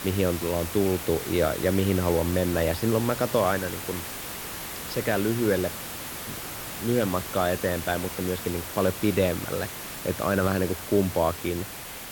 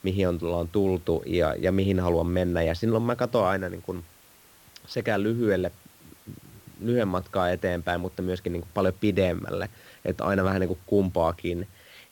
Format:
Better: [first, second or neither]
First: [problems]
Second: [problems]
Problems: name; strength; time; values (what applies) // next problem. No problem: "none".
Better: second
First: hiss; loud; throughout; 7 dB below the speech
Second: hiss; faint; throughout; 25 dB below the speech